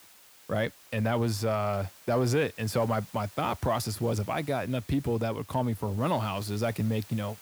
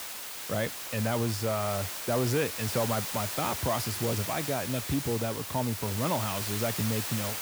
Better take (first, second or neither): first